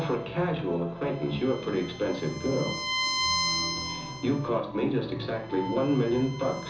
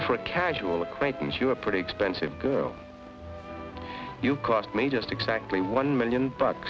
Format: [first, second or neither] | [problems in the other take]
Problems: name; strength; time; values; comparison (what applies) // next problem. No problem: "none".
second | background sound (Bowed string instrument); 6 dB below the speech // room echo; dies away in 0.7 s